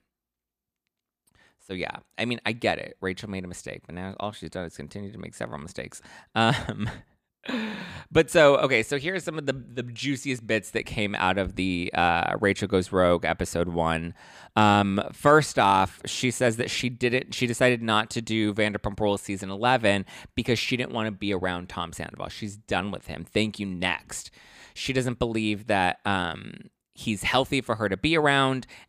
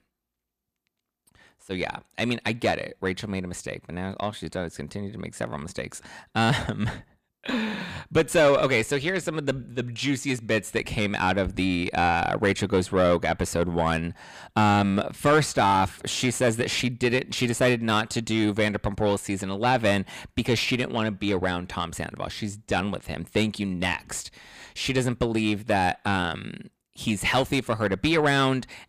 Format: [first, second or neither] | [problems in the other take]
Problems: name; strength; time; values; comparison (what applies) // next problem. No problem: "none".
first | distortion; slight; 9 dB below the speech